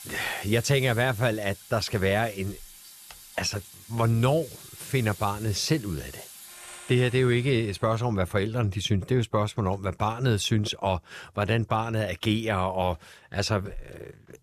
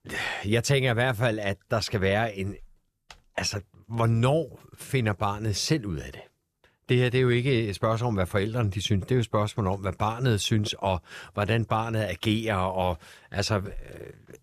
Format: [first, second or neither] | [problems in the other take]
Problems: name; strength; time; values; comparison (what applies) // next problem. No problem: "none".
second | household noises; noticeable; until 7.5 s; 15 dB below the speech